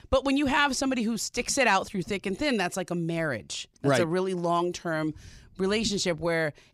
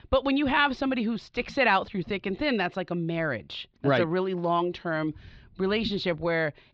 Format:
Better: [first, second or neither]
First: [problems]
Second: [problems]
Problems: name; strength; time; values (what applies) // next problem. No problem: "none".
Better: first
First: none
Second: muffled; slightly; fading above 4 kHz